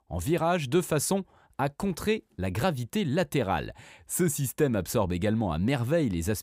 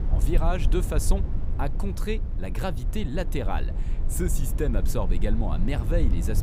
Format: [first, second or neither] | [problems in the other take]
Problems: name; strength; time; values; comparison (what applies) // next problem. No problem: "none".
first | low rumble; noticeable; throughout; 10 dB below the speech